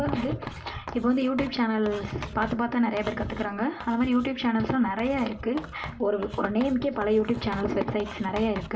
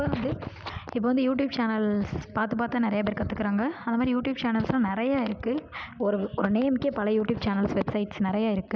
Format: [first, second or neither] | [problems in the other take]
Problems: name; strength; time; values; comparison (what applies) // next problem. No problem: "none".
second | background sound (Writing); 16 dB below the speech // room echo; dies away in 0.2 s